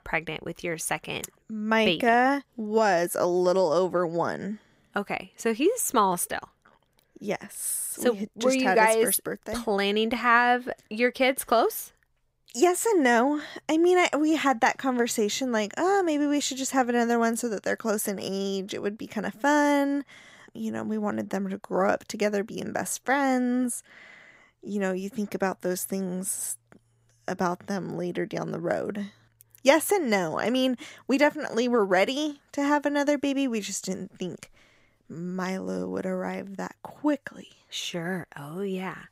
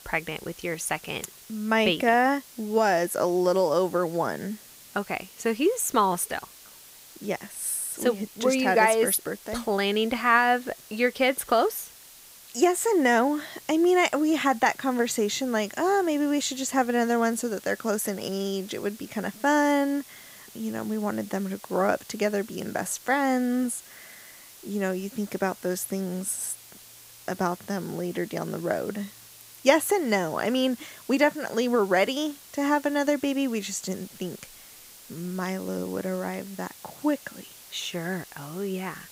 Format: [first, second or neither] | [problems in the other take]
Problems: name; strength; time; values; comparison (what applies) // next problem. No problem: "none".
first | hiss; noticeable; throughout; 20 dB below the speech